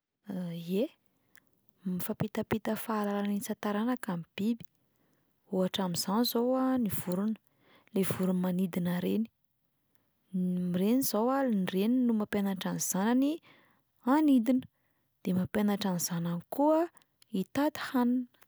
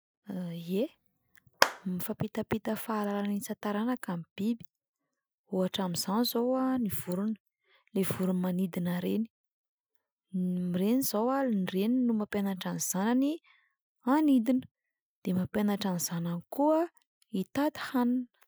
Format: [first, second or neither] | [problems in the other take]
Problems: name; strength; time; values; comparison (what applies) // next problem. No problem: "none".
first | noise reduction (classical method Wiener filter)